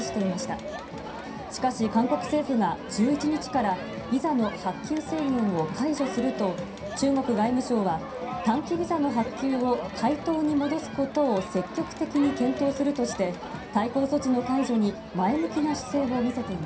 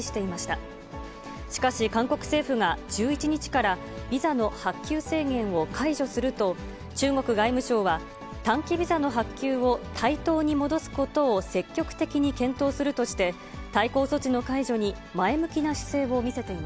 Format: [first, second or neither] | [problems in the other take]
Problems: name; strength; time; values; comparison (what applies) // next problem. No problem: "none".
second | background sound (Crowd); 11 dB below the speech // room echo; dies away in 0.3 s